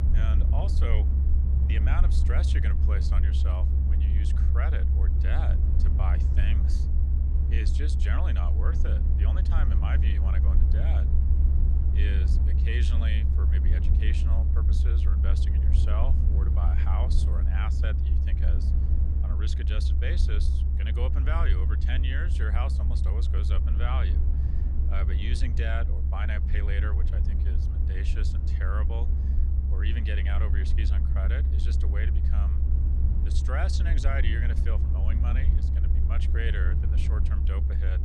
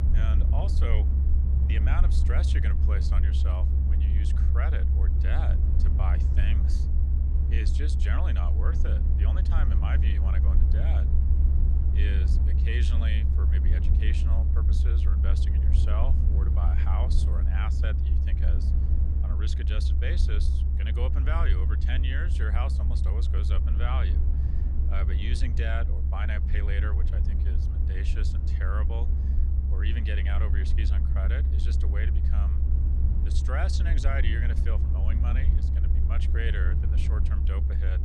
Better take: neither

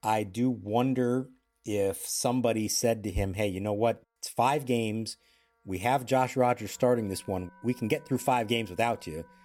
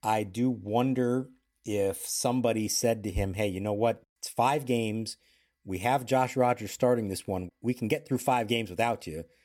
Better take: second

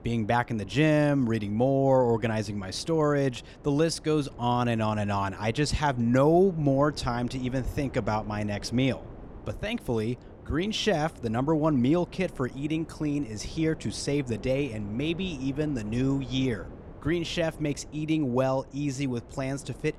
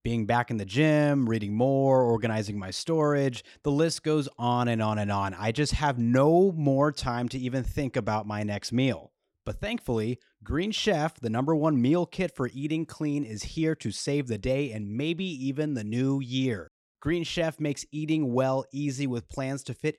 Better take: second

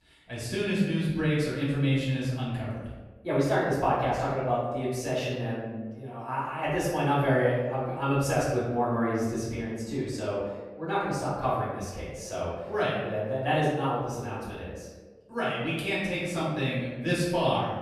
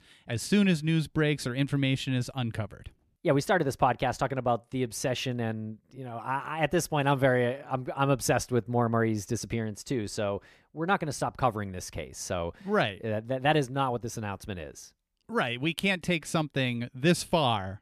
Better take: second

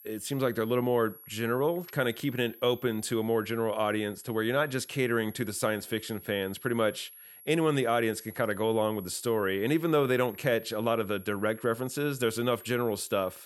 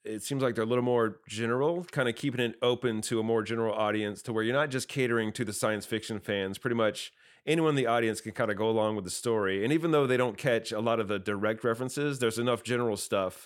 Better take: second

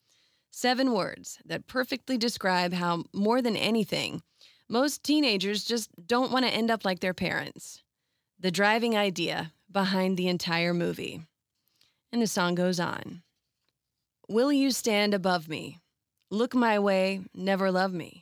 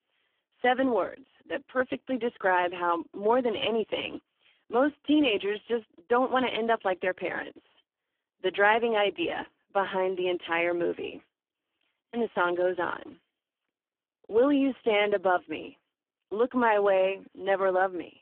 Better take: first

